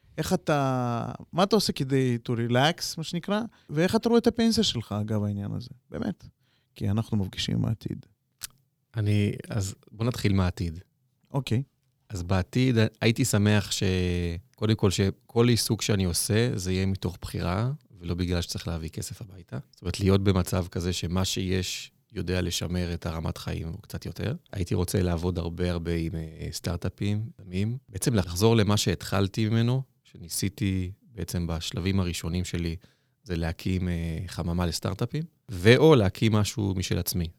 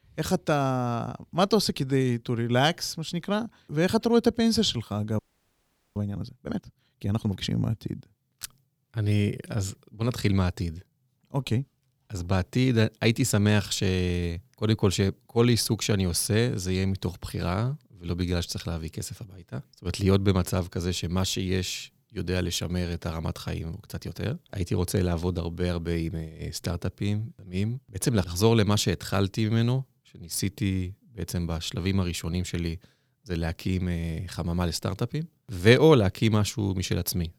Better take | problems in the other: first | audio freezing; at 5 s for 1 s

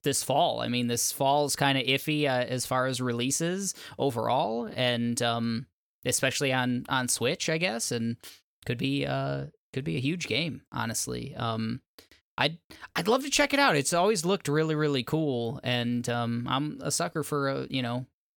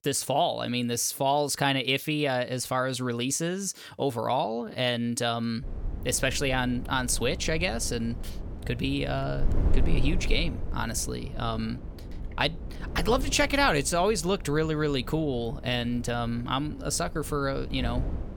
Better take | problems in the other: first | wind noise on the microphone; occasional gusts; from 5.5 s on; 20 dB below the speech

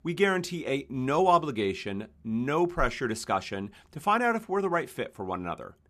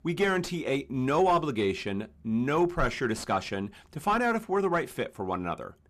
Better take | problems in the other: first | distortion; slight; 10 dB below the speech

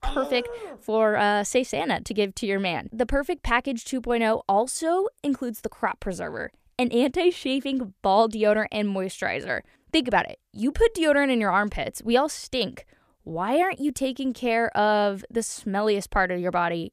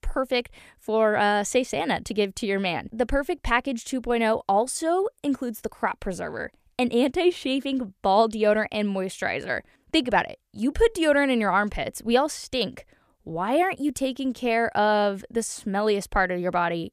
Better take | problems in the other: second | dog barking; noticeable; at the start; peak 9 dB below the speech

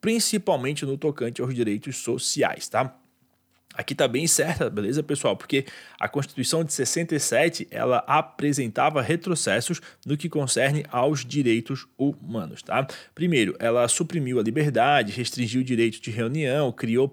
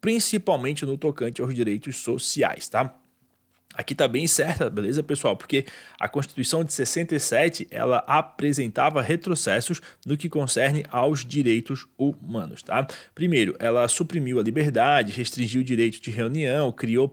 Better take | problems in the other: first | garbled, watery; slightly

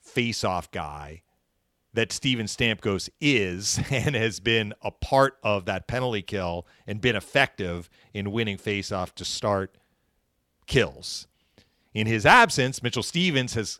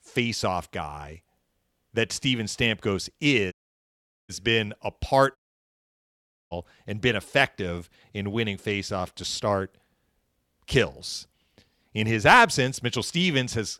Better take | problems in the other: first | audio cutting out; at 3.5 s for 1 s and at 5.5 s for 1 s

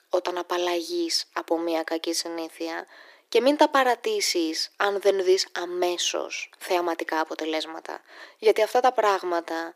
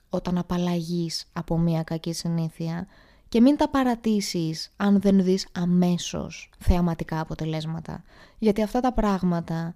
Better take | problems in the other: second | thin; very; fading below 350 Hz

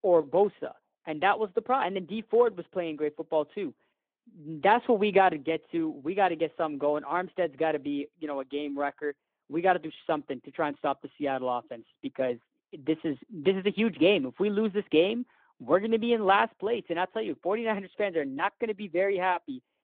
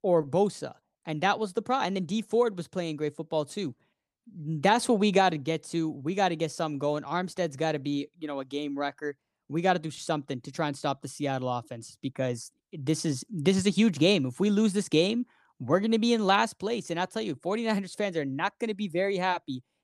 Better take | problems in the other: second | phone-call audio

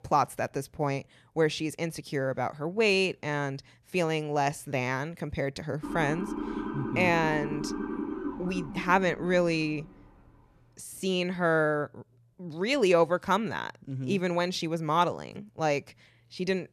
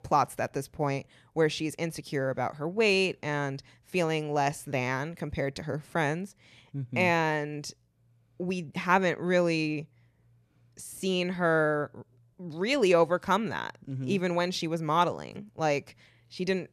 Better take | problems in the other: second | siren; noticeable; from 6 to 10 s; peak 5 dB below the speech

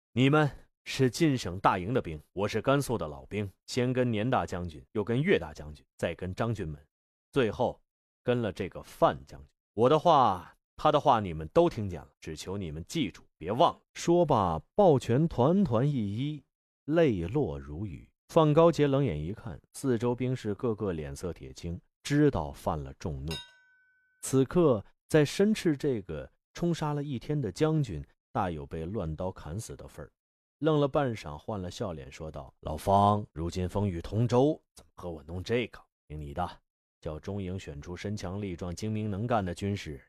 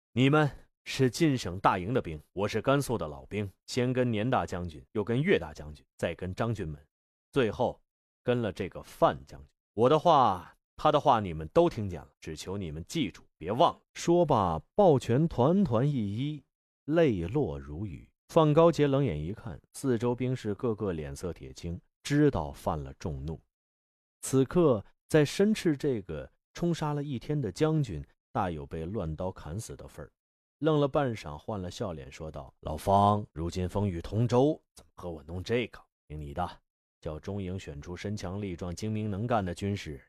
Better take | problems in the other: second | clattering dishes; faint; at 23 s; peak 10 dB below the speech

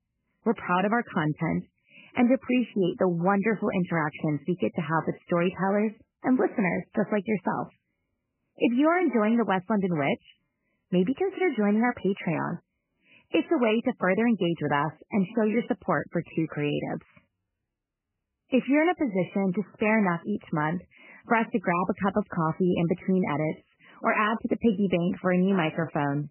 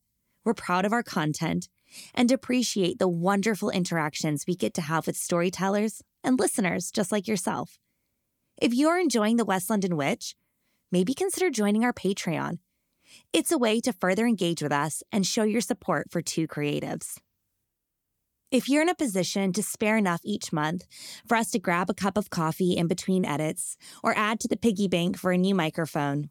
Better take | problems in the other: second | garbled, watery; badly; nothing above 3 kHz

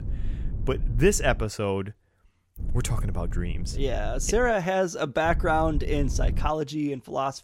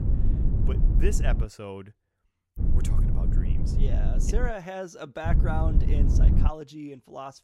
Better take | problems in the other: first | low rumble; loud; until 1.5 s, from 2.5 to 4.5 s and from 5.5 to 6.5 s; 4 dB below the speech; faint in the first

